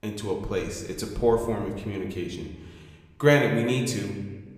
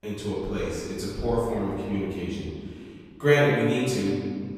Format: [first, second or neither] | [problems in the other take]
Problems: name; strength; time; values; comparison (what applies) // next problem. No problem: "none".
first | room echo; strong; dies away in 2 s; slight in the first // off-mic speech; far